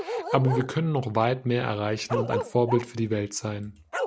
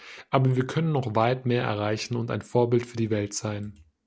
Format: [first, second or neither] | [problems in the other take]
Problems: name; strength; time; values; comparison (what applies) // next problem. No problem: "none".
second | background sound (Bark); 7 dB below the speech